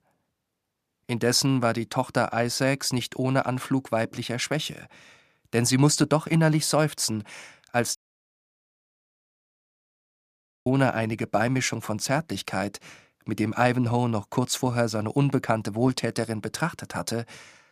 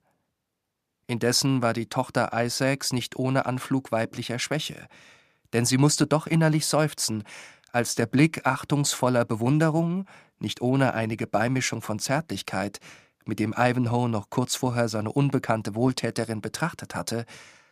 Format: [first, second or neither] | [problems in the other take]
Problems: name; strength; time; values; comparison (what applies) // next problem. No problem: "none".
second | audio cutting out; at 8 s for 2.5 s